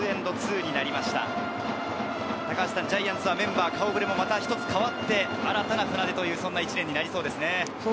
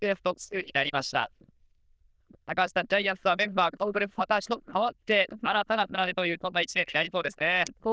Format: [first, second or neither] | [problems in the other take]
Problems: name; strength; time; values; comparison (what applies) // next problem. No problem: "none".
first | noise reduction (neural diffusion model UNIVERSE++)